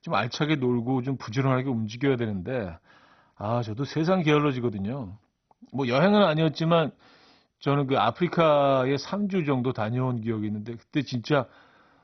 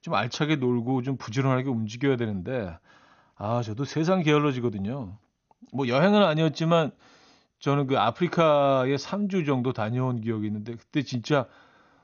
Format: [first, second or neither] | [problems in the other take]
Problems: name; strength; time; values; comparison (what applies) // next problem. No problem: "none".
second | garbled, watery; badly; nothing above 6 kHz; slightly in the second